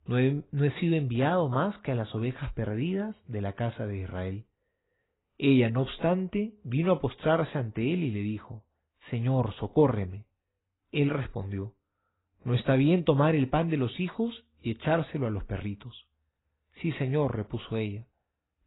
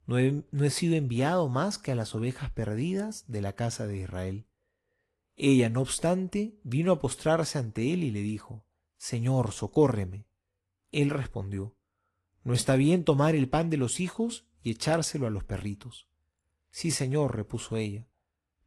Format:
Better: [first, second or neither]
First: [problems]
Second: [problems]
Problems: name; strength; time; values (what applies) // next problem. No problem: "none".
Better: second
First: garbled, watery; badly; nothing above 4 kHz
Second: garbled, watery; slightly